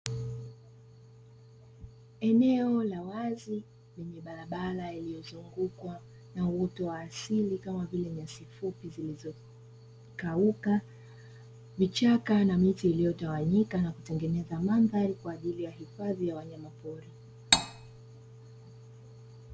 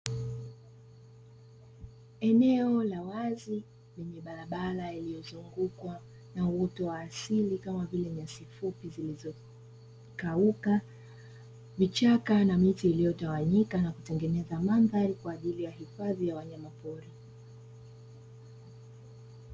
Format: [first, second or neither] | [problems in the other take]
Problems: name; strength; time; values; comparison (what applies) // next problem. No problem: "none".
second | background sound (Cutlery, silverware); 3 dB above the speech